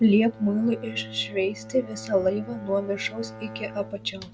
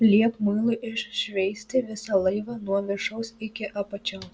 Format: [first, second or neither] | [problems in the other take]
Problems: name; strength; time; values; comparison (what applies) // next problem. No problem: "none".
second | background sound (Bowed string instrument); 15 dB below the speech